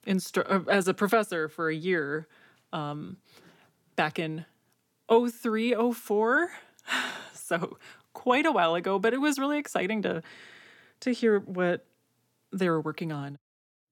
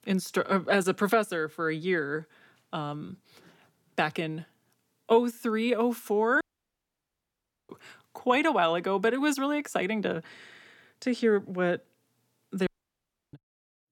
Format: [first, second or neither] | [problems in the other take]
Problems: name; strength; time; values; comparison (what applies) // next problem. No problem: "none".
first | audio cutting out; at 6.5 s for 1.5 s and at 13 s for 0.5 s